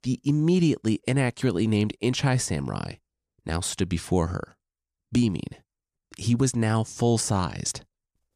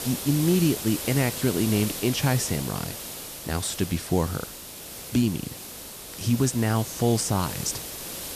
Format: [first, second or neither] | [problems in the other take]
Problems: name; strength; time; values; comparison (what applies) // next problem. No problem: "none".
first | hiss; loud; throughout; 8 dB below the speech